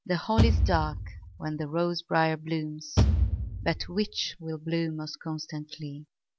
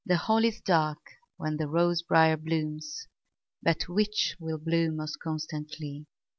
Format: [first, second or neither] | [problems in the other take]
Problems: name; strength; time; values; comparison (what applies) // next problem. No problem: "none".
second | background sound (Bass drum / Thump, thud); 4 dB above the speech